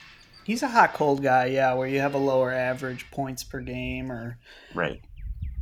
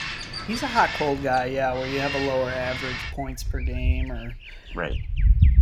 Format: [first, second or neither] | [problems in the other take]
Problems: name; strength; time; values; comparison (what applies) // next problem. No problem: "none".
first | animal sounds; loud; throughout; 1 dB below the speech; faint in the first